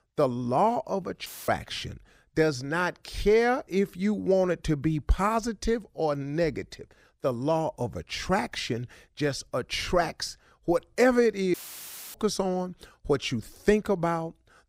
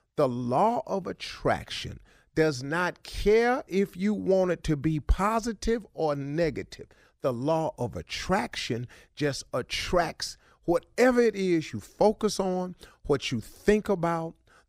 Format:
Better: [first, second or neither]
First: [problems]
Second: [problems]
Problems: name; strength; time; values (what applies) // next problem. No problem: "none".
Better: second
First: audio cutting out; filled with static; at 1.5 s and at 12 s for 0.5 s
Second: none